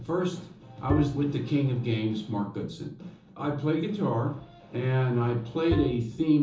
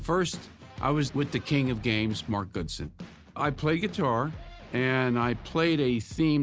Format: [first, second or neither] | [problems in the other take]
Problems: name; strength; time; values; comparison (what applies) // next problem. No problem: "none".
second | background sound (Bowed string instrument); 5 dB below the speech // room echo; dies away in 1.2 s